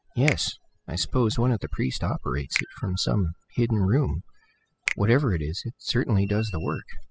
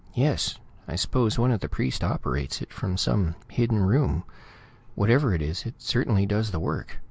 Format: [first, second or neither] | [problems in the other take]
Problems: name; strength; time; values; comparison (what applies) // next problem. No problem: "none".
second | noise reduction (classical method spectral subtraction)